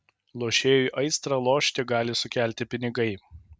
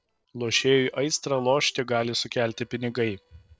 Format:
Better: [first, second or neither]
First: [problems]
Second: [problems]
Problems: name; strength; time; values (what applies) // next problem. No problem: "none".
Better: first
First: none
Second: noise reduction (neural separator model SepFormer DNS4)